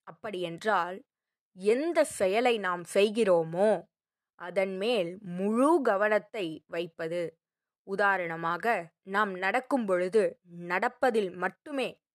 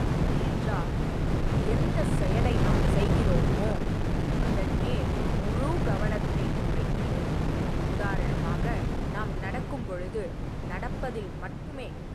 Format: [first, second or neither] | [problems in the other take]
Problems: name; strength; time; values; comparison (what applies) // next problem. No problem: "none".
first | wind noise on the microphone; heavy; 3 dB above the speech